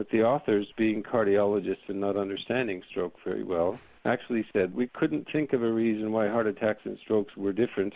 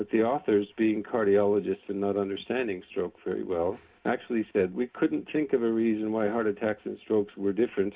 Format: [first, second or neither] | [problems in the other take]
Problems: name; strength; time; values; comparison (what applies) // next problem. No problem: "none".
first | room echo; dies away in 0.3 s